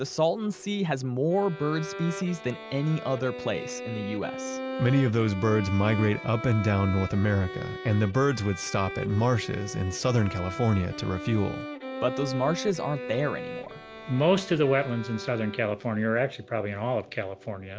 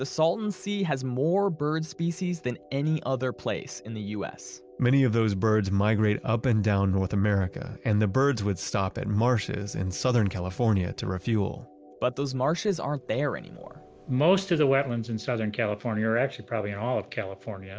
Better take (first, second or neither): second